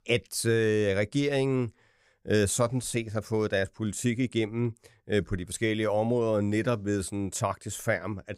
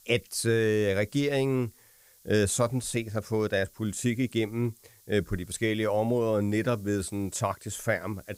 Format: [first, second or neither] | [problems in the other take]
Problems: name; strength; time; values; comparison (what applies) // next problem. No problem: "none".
first | hiss; faint; throughout; 25 dB below the speech